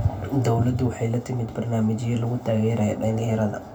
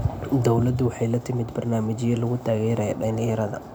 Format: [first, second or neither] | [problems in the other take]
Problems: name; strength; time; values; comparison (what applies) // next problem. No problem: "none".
second | room echo; dies away in 0.2 s